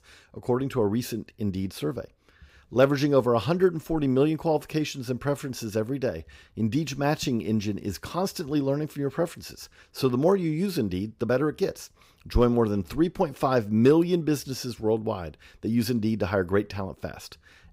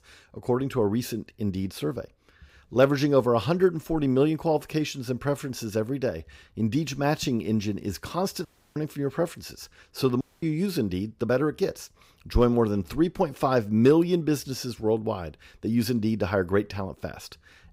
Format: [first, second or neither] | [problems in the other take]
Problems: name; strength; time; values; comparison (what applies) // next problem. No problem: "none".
first | audio cutting out; at 8.5 s and at 10 s